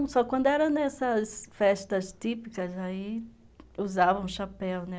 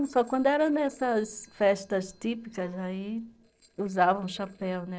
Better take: first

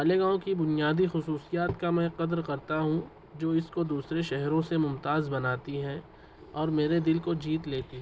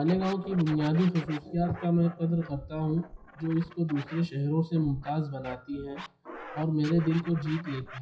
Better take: first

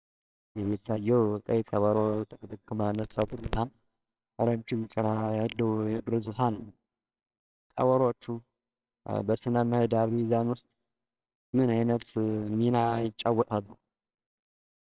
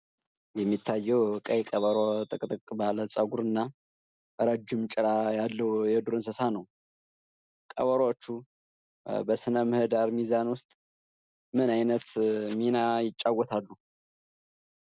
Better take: second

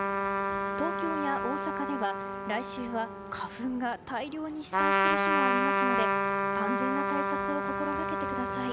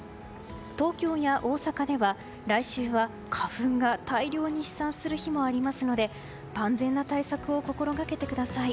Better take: second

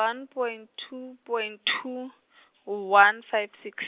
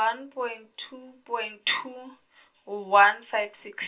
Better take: first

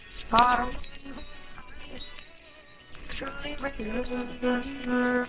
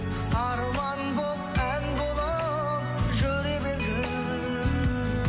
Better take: second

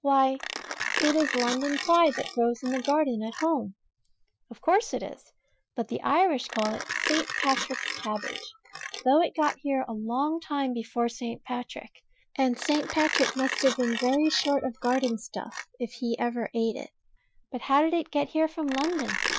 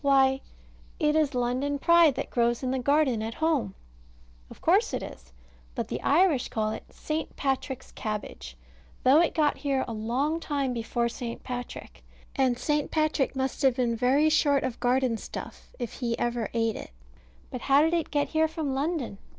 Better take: second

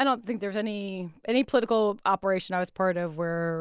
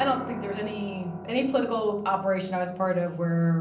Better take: first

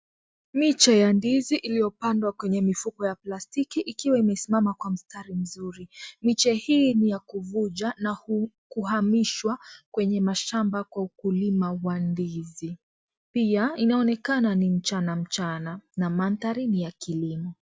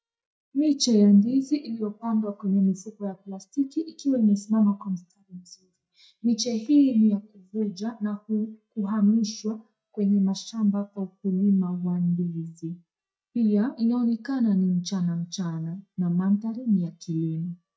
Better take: first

